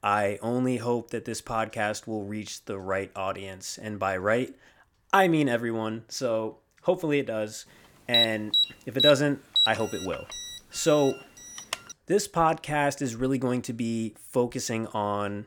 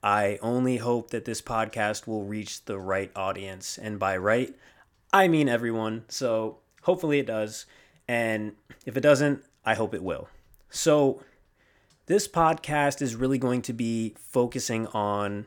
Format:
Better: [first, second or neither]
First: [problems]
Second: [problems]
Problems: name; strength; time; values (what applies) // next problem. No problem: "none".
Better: second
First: alarm; loud; from 8 to 12 s; peak 5 dB above the speech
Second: none